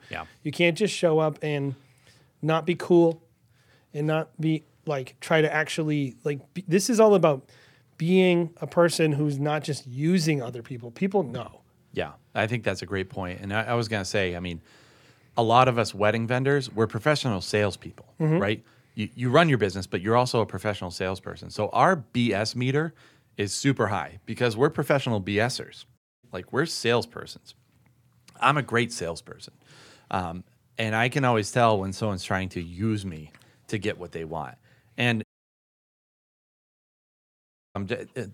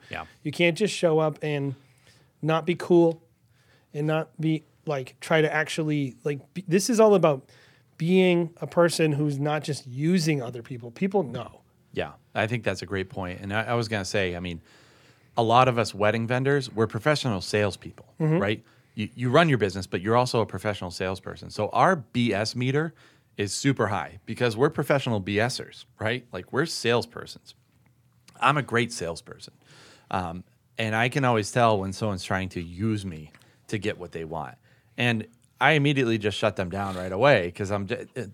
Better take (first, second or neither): second